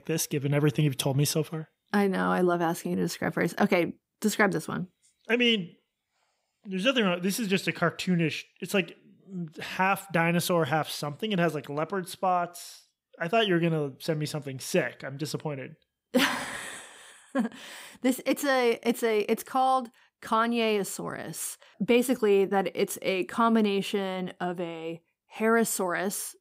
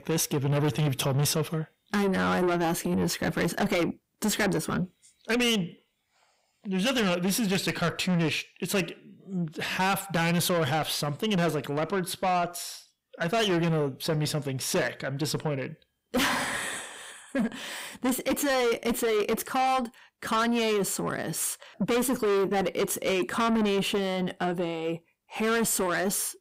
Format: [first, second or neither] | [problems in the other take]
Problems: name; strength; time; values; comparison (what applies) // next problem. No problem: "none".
first | distortion; heavy; 6 dB below the speech